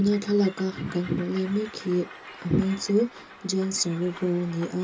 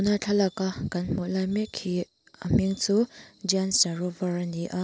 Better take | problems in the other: second | background sound (Train); 18 dB below the speech // room echo; dies away in 0.2 s

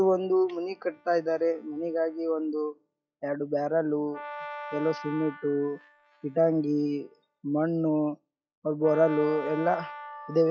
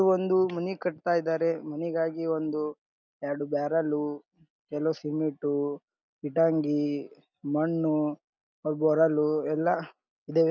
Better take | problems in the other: second | noise reduction (classical method log-MMSE)

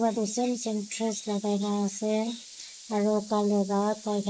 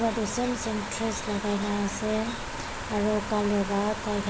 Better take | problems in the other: second | noise reduction (neural mask model Resemble Enhance denoiser)

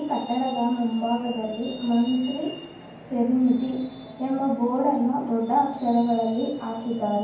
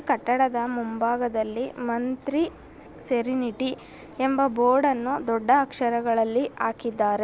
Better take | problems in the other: second | background sound (Truck); 20 dB below the speech // room echo; dies away in 0.9 s

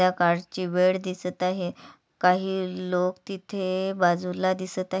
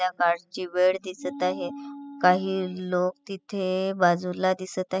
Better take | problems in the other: first | noise reduction (classical method spectral subtraction)

